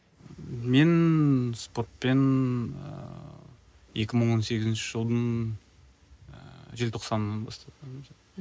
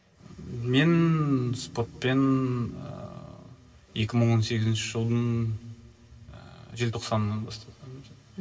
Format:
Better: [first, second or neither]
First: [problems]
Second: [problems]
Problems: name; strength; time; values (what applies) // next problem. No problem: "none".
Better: first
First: none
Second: room echo; dies away in 1.6 s